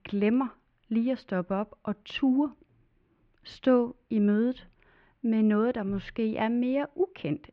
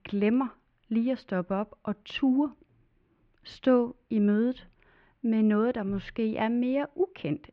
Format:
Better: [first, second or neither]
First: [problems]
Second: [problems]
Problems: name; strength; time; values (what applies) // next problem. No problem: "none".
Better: neither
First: muffled; very; fading above 2.5 kHz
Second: muffled; very; fading above 2.5 kHz